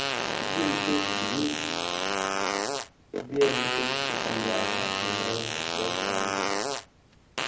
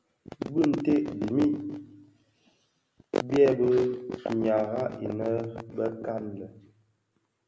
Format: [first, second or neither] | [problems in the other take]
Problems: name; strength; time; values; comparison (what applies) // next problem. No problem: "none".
second | background sound (Fart); 4 dB above the speech // room echo; dies away in 0.8 s